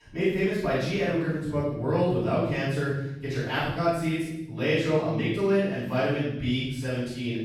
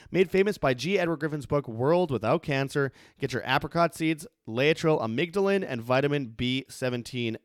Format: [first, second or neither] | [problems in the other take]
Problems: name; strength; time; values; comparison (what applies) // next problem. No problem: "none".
second | off-mic speech; far // room echo; strong; dies away in 1 s